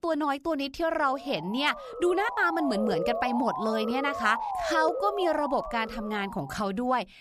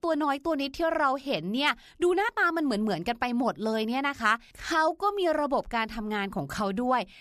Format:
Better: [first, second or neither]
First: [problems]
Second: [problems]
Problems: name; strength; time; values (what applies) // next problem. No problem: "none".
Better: second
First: siren; noticeable; from 1 to 6.5 s; peak 1 dB below the speech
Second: none